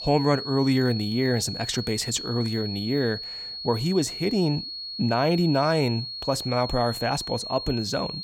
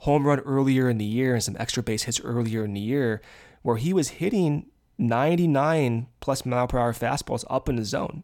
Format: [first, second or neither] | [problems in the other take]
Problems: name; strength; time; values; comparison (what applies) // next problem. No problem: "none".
second | high-pitched whine; loud; throughout; 4.5 kHz, 7 dB below the speech